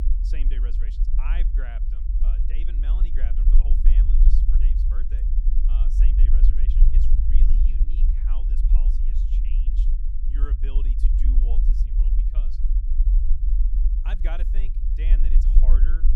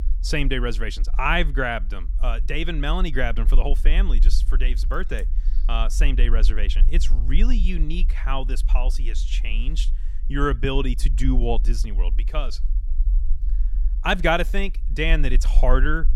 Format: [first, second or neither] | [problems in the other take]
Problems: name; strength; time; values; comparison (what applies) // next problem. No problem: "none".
second | low rumble; loud; throughout; as loud as the speech; faint in the second